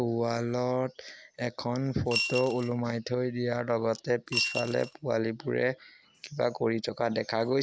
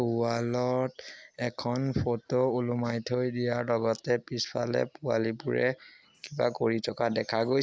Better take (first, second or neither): second